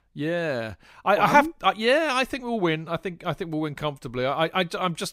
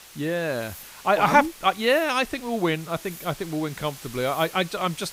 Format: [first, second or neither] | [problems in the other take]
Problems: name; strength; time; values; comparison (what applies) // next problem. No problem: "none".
first | hiss; noticeable; throughout; 15 dB below the speech